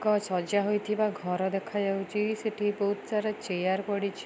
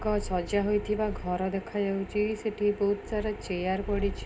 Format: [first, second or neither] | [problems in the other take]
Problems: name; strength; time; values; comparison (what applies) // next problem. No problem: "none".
first | background sound (Purr); 10 dB below the speech // room echo; dies away in 0.3 s